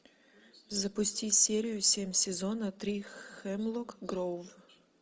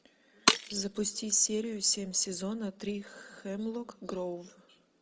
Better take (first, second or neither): first